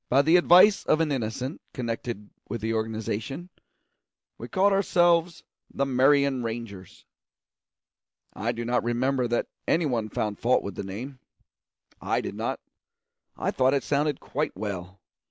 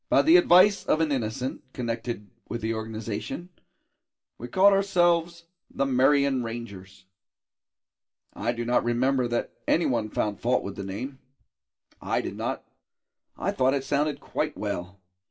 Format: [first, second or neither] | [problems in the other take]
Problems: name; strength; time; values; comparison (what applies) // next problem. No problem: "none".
first | room echo; dies away in 0.2 s